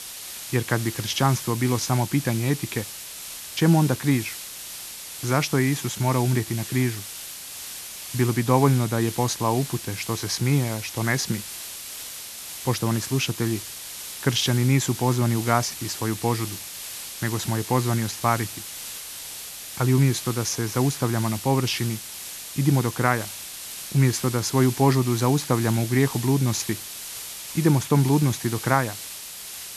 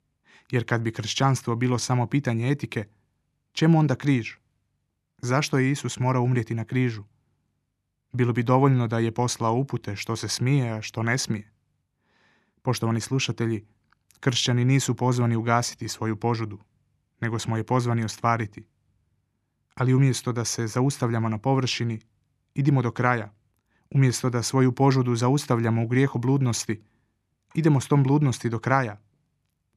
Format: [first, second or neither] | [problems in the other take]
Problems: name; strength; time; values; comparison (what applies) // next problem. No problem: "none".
second | hiss; loud; throughout; 10 dB below the speech